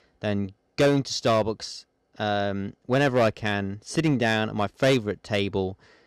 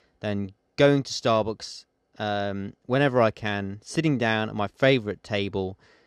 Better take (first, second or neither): second